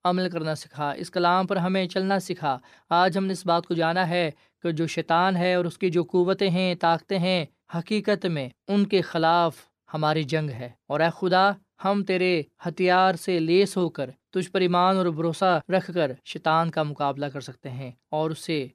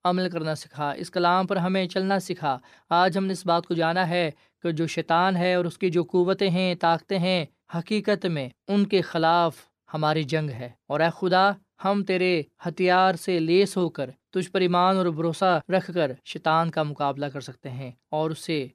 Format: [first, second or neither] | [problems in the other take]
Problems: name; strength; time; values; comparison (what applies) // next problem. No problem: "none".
neither | none